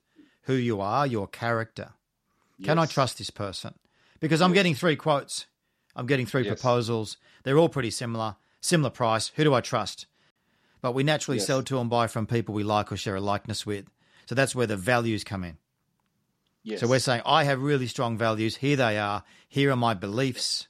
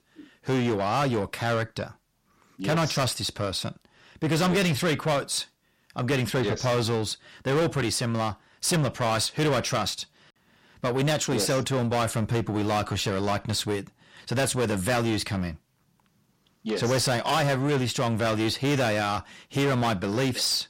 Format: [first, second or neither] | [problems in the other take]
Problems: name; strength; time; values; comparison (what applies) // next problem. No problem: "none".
first | distortion; heavy; 6 dB below the speech